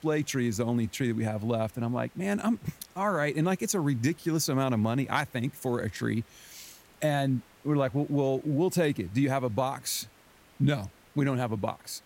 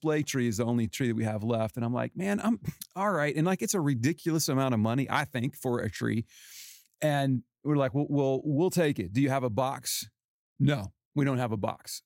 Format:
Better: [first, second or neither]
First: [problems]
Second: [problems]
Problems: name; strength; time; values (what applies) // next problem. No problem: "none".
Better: second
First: hiss; faint; throughout; 30 dB below the speech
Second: none